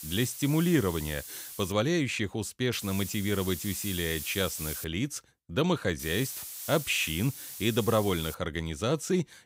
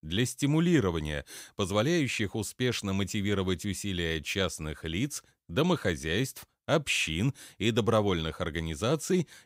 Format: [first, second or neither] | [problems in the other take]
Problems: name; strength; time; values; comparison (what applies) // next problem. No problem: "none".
second | hiss; loud; until 1.5 s, from 2.5 to 5 s and from 6 to 8.5 s; 9 dB below the speech